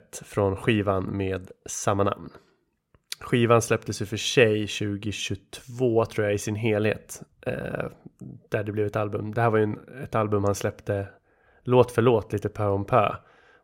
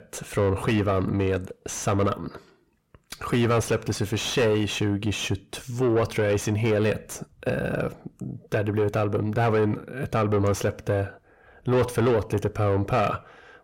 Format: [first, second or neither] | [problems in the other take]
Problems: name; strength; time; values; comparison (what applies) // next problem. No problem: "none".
first | distortion; heavy; 6 dB below the speech